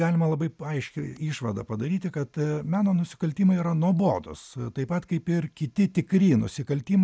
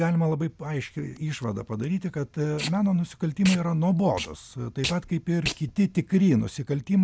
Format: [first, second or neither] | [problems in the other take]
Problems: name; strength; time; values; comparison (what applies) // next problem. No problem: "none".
first | background sound (Packing tape, duct tape); 14 dB below the speech